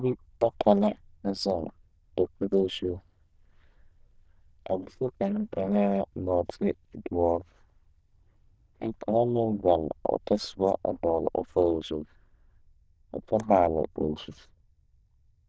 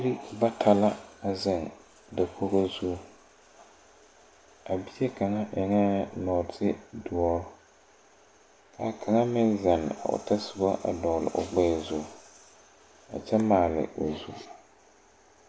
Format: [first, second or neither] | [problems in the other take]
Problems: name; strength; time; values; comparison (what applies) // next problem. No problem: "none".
second | noise reduction (neural diffusion model UNIVERSE++)